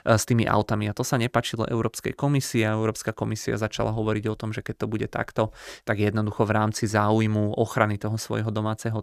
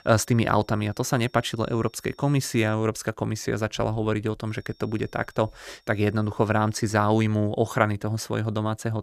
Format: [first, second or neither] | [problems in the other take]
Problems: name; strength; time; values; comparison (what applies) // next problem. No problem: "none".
first | high-pitched whine; faint; until 2.5 s and from 4.5 to 7 s; 5.5 kHz, 35 dB below the speech